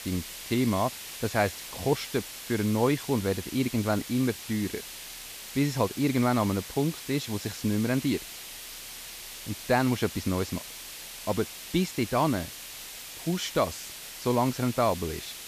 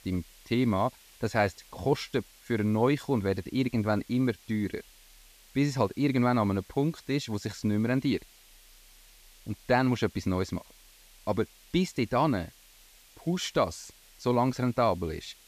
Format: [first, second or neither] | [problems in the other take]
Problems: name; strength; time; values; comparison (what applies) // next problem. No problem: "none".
second | hiss; loud; throughout; 10 dB below the speech; faint in the second